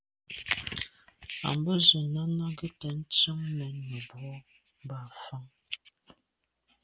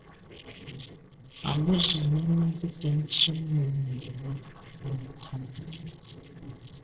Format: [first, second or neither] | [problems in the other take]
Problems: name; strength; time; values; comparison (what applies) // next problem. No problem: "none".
first | noise reduction (neural separator model SepFormer DNS4)